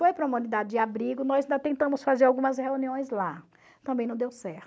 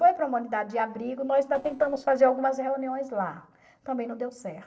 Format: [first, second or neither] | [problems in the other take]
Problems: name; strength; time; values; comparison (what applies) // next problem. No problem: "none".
first | noise reduction (neural separator model SepFormer DNS4)